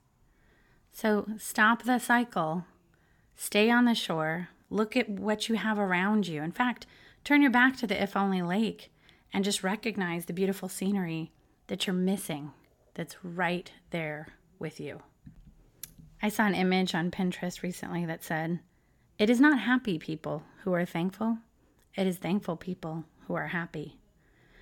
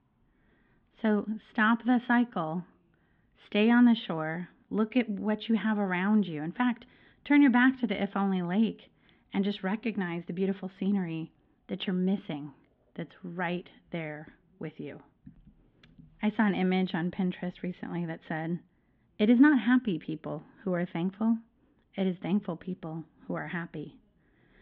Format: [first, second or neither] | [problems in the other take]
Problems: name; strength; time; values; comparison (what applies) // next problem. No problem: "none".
first | muffled; very; fading above 3.5 kHz